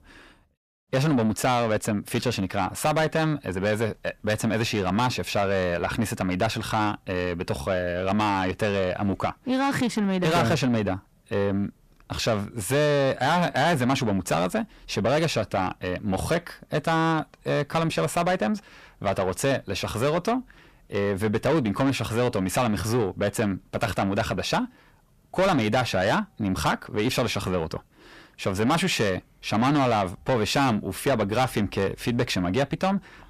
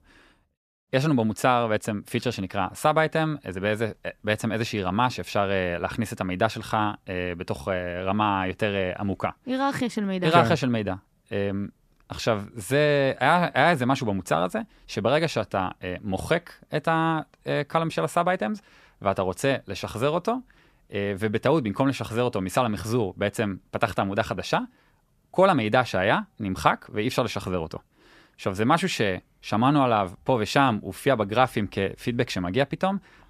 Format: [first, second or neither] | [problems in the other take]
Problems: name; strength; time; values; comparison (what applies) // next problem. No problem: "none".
second | distortion; heavy; 7 dB below the speech